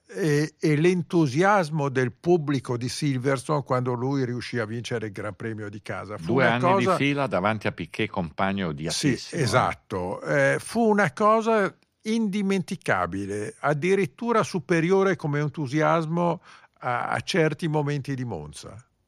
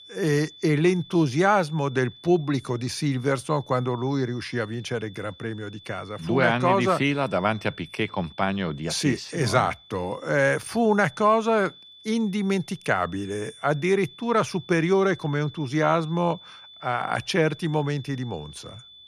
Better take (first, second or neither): first